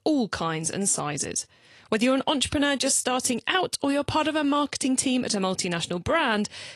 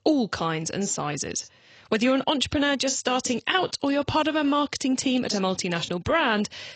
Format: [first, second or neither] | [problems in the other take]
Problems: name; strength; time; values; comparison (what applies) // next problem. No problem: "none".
first | garbled, watery; badly; nothing above 8 kHz; slightly in the first